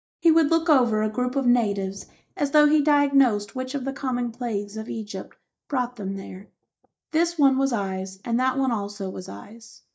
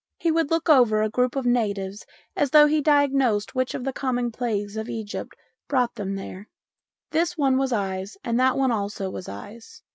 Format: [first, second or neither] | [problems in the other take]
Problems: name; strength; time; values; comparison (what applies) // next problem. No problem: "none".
second | noise reduction (neural mask model DeepFilterNet 3)